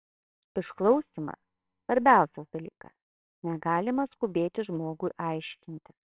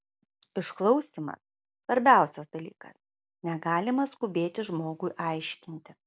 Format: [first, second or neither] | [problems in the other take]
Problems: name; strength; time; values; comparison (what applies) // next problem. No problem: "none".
second | noise reduction (neural separator model SepFormer WHAMR!)